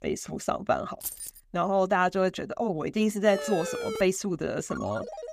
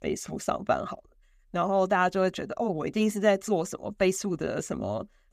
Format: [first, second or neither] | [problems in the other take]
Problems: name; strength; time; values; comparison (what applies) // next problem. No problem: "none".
second | jangling keys; noticeable; at 1 s; peak 7 dB below the speech // siren; noticeable; at 3.5 s; peak 5 dB below the speech // phone ringing; faint; at 4.5 s; peak 10 dB below the speech